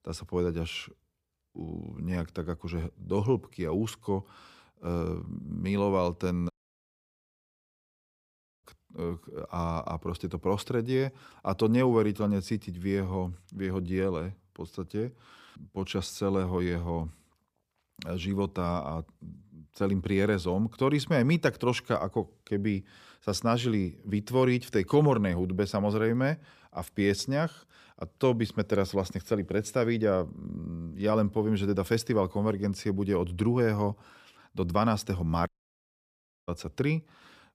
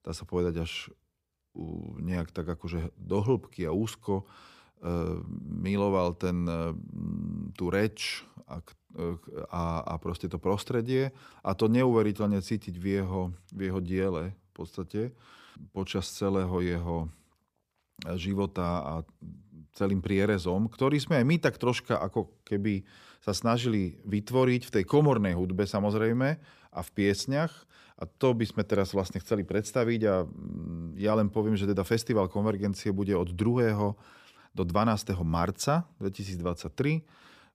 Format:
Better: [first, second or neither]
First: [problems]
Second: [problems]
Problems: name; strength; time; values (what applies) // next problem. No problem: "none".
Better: second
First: audio cutting out; at 6.5 s for 2 s and at 35 s for 1 s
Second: none